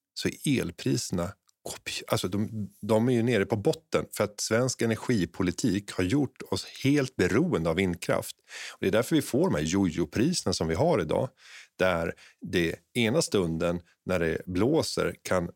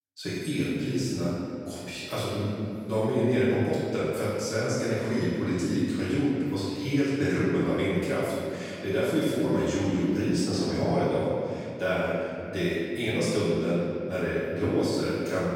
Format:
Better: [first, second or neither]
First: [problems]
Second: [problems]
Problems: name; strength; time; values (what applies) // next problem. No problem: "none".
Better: first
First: none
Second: room echo; strong; dies away in 2.2 s // off-mic speech; far